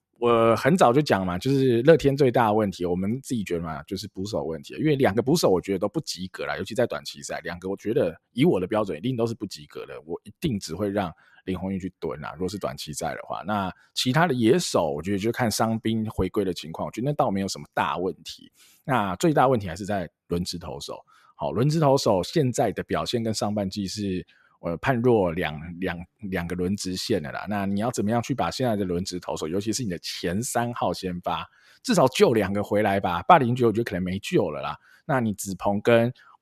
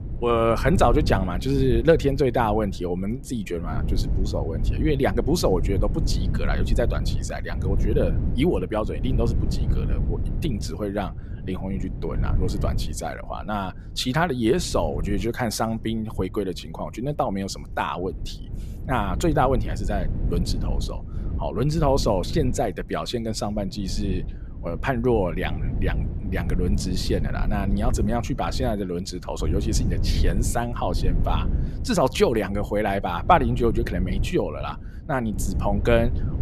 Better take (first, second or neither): first